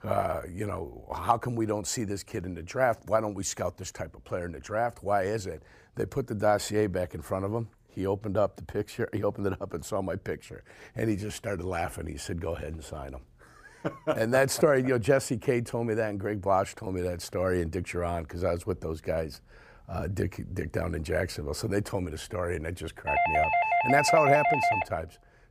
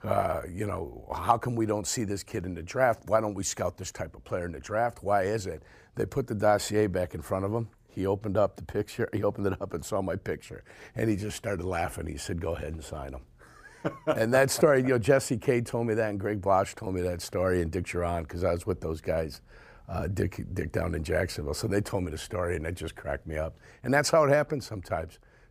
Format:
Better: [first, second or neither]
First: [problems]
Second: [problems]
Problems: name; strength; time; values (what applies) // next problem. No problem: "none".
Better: second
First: doorbell; loud; from 23 to 25 s; peak 6 dB above the speech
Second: none